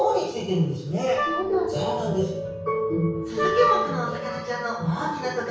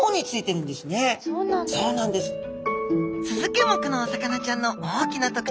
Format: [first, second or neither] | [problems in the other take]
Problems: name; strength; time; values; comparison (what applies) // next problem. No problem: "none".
second | background sound (Wind instrument, woodwind instrument); 5 dB below the speech // room echo; dies away in 0.6 s